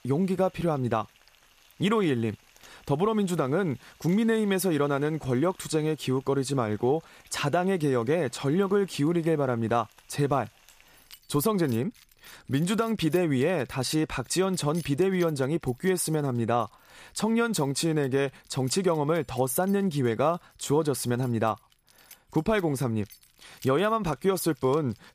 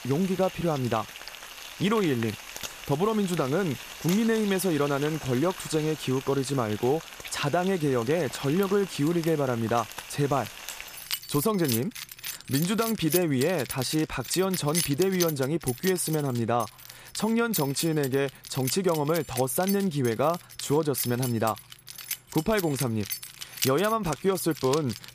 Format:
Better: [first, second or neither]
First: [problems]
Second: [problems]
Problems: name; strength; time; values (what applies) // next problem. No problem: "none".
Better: first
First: household noises; faint; throughout; 25 dB below the speech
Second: household noises; loud; throughout; 9 dB below the speech